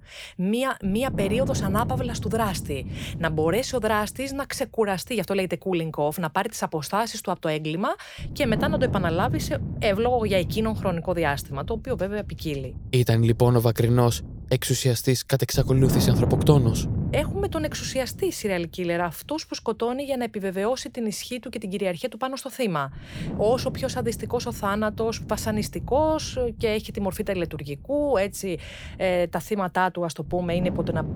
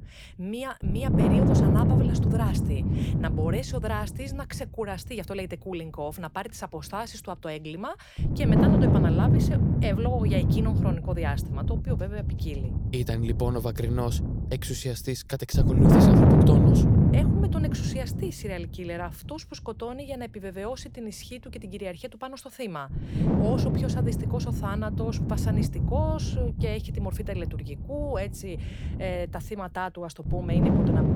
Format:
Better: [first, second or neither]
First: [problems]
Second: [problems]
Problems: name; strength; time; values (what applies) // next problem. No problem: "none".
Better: first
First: wind noise on the microphone; occasional gusts; 10 dB below the speech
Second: wind noise on the microphone; heavy; 4 dB above the speech